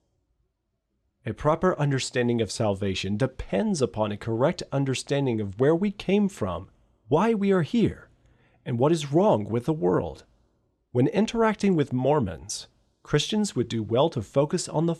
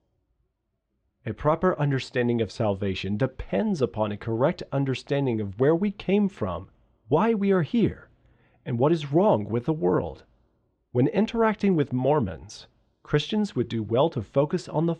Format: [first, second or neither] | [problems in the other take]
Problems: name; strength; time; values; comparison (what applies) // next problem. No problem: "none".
first | muffled; slightly; fading above 3.5 kHz